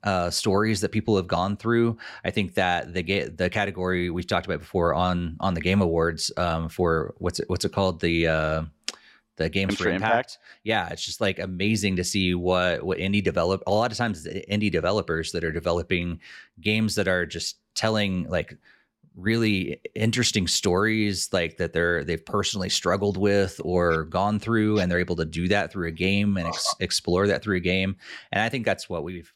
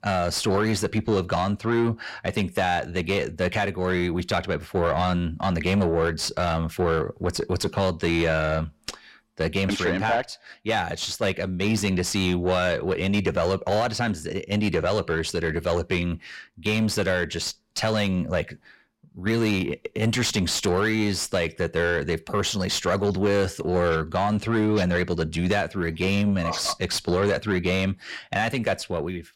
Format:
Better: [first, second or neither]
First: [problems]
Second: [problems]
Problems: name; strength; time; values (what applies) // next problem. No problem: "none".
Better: first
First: none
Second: distortion; slight; 10 dB below the speech